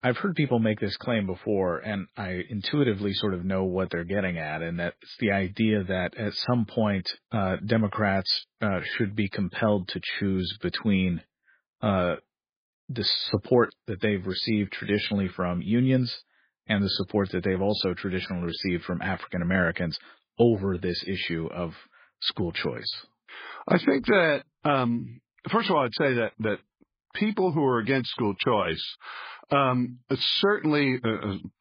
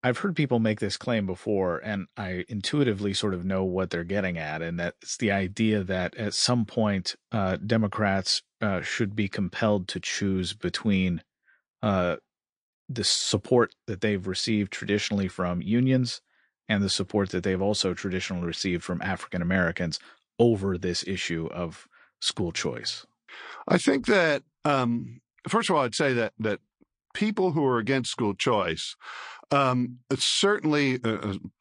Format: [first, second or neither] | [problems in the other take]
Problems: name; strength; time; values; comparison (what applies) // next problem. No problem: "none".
second | garbled, watery; badly; nothing above 4.5 kHz; slightly in the second